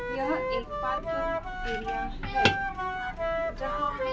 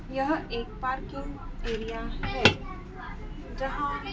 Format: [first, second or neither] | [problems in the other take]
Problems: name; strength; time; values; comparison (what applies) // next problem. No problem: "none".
second | background sound (Wind instrument, woodwind instrument); 2 dB above the speech